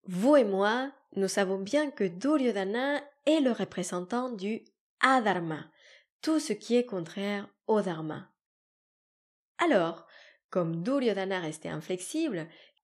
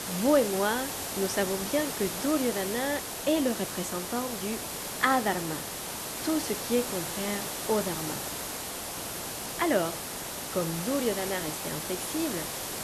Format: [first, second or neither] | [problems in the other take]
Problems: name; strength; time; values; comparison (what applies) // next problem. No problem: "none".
first | hiss; loud; throughout; 3 dB below the speech